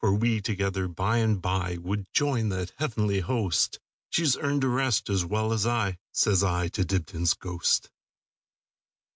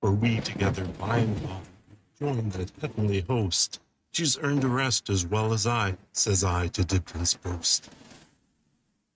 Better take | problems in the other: first | noise reduction (neural mask model RNNoise)

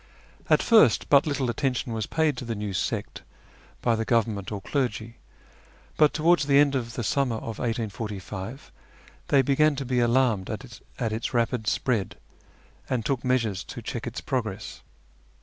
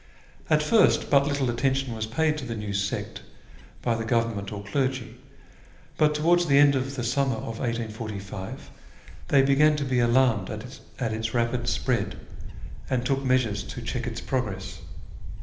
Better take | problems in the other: first | background sound (Wind / Bird); 11 dB below the speech // room echo; dies away in 0.8 s

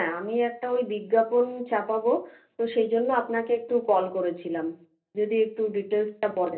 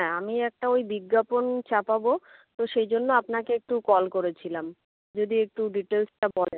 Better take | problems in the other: second | room echo; dies away in 0.3 s

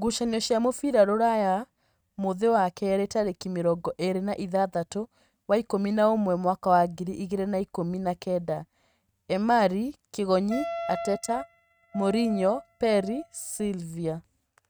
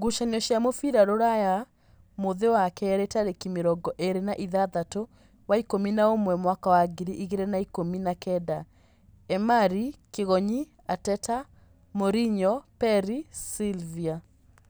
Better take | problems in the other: second | noise reduction (neural mask model RNNoise)

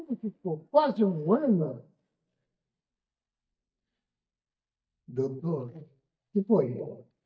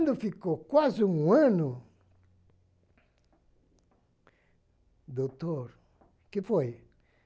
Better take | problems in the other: second | noise reduction (neural mask model DeepFilterNet 3)

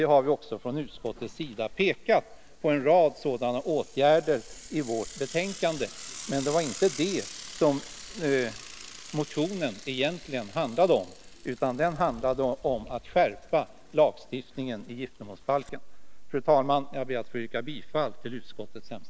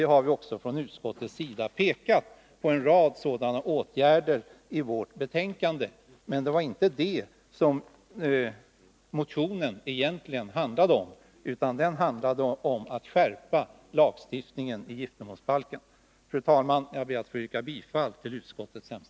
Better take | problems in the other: second | background sound (Mechanisms / Bicycle); 13 dB below the speech

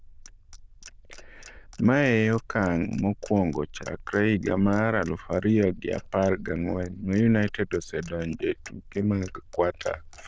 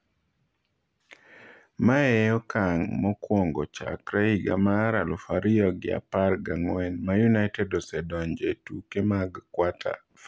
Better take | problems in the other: second | noise reduction (neural diffusion model UNIVERSE++)

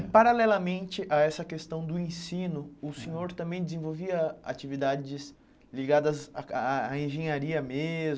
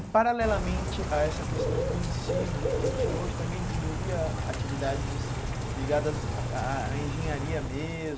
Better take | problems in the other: first | background sound (Bird / Rain); 2 dB above the speech

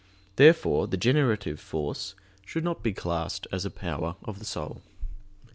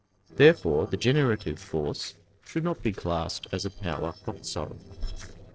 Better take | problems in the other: first | noise reduction (neural separator model SepFormer DNS4)

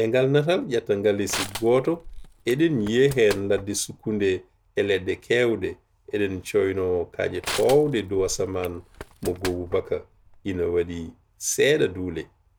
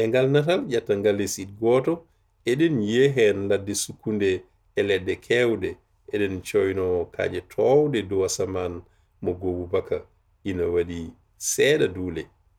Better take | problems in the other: second | background sound (Crushing); 14 dB below the speech

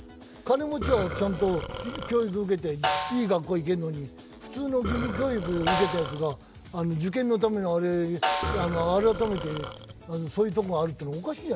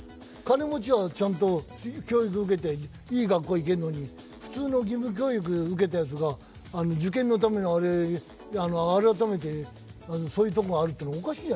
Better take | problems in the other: second | background sound (Snare drum + Burping, eructation); 6 dB below the speech

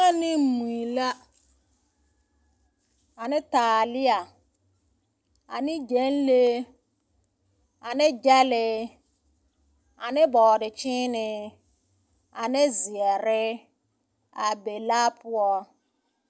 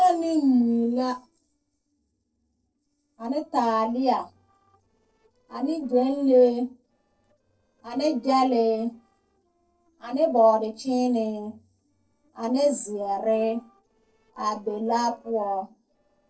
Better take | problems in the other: first | noise reduction (neural separator model SepFormer DNS4)

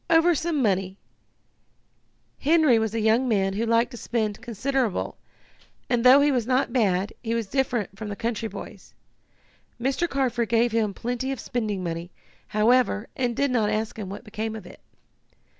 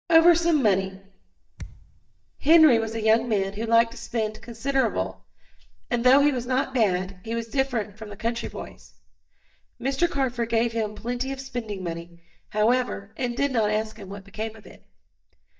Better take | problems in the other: first | noise reduction (neural mask model DeepFilterNet 3)

